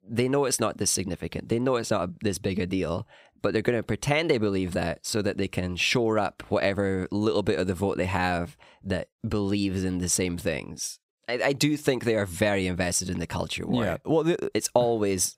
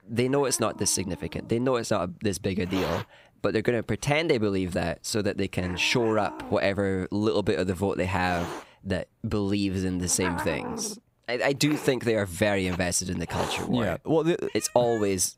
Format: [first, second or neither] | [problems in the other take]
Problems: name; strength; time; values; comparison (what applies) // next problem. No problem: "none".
first | hiss; noticeable; throughout; 10 dB below the speech